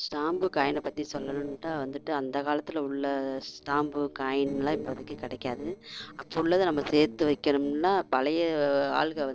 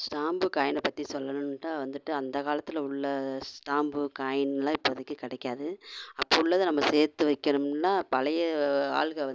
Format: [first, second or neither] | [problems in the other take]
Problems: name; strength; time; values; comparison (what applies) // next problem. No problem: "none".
second | noise reduction (neural separator model SepFormer DNS4)